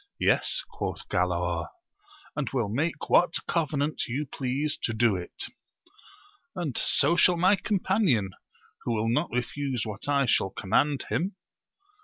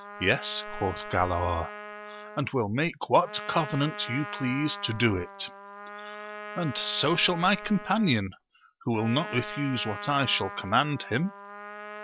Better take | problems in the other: first | background sound (Trumpet); 12 dB below the speech

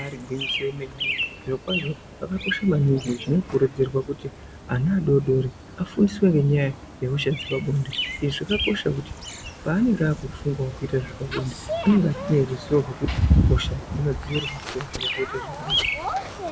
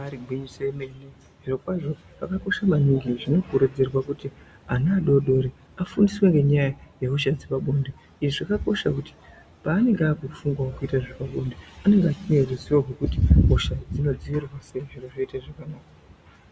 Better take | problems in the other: second | background sound (Bird vocalization, bird call, bird song); 9 dB below the speech

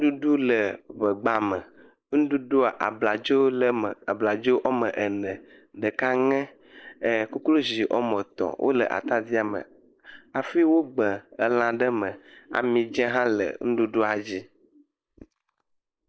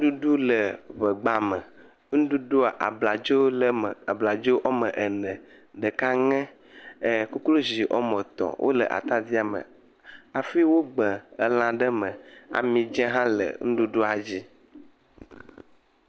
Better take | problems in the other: second | noise reduction (neural mask model Resemble Enhance denoiser)

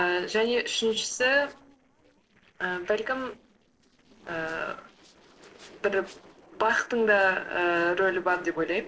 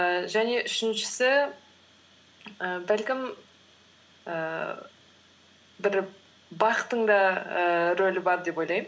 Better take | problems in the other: second | noise reduction (neural separator model SepFormer DNS4)

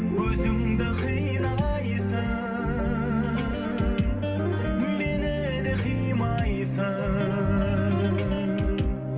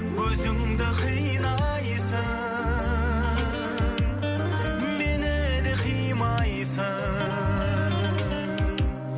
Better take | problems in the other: second | room echo; dies away in 0.2 s

